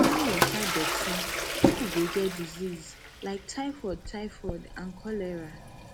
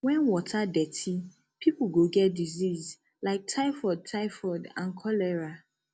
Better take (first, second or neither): second